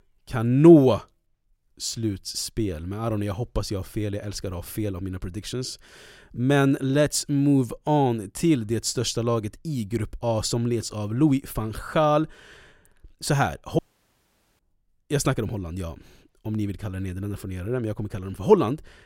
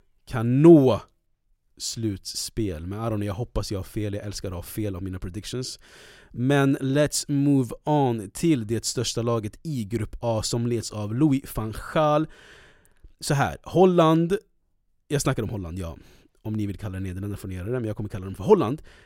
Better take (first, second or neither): second